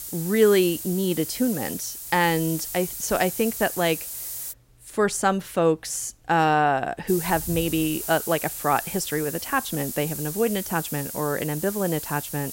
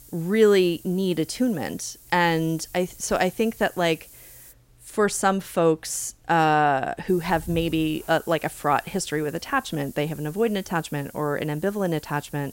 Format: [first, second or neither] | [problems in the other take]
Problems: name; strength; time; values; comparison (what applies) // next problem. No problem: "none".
second | hiss; loud; until 4.5 s and from 7 s on; 7 dB below the speech; faint in the second